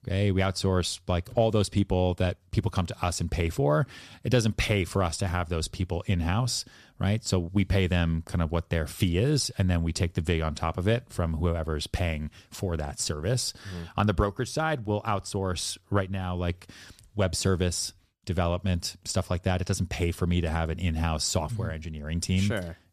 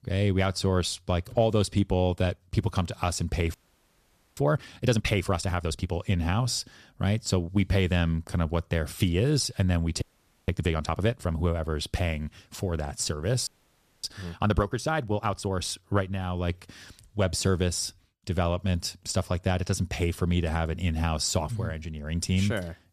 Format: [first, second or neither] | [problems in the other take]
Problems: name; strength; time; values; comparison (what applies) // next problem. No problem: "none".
first | audio freezing; at 3.5 s for 1 s, at 10 s and at 13 s for 0.5 s